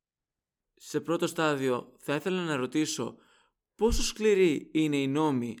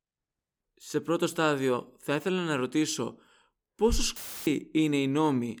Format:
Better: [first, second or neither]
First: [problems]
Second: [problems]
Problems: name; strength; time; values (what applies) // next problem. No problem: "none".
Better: first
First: none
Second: audio cutting out; filled with static; at 4 s